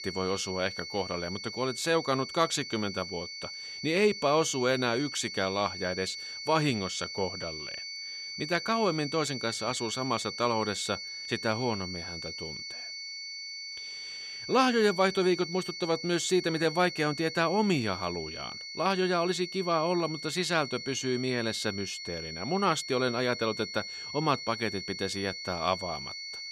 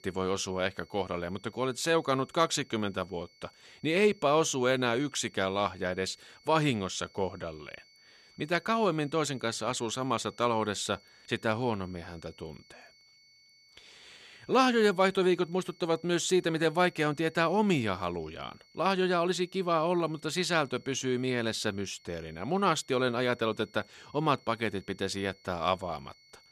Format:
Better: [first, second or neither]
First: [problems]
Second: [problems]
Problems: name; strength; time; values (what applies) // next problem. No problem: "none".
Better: second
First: high-pitched whine; loud; throughout; 4.5 kHz, 8 dB below the speech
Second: high-pitched whine; faint; throughout; 4.5 kHz, 30 dB below the speech